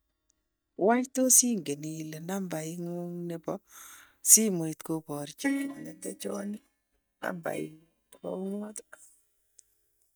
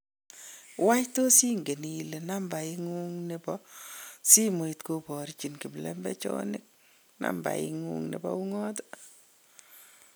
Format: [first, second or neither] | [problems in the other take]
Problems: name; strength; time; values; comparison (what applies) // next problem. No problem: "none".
second | noise reduction (neural mask model DeepFilterNet 3)